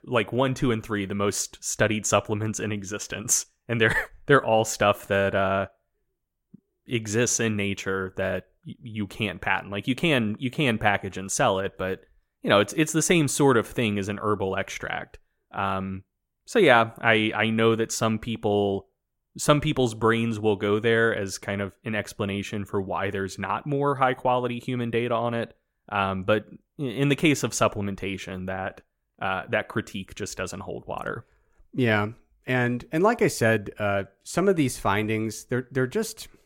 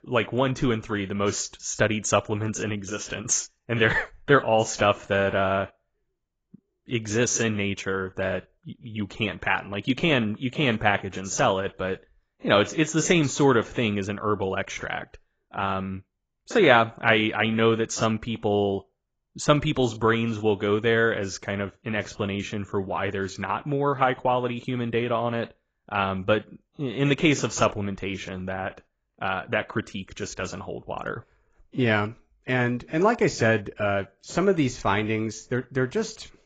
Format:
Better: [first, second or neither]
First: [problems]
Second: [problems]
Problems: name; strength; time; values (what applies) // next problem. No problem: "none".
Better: first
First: none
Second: garbled, watery; badly; nothing above 7.5 kHz